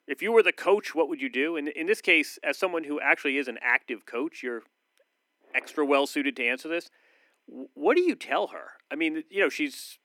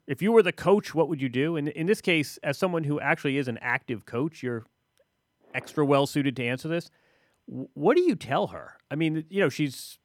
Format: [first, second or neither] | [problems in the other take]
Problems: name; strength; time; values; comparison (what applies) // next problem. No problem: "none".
second | thin; very slightly; fading below 250 Hz